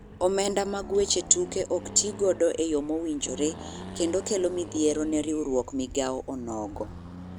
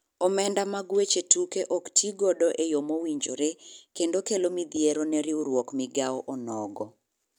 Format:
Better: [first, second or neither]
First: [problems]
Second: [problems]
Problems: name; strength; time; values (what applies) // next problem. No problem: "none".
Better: second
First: background sound (Accelerating, revving, vroom); 14 dB below the speech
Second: none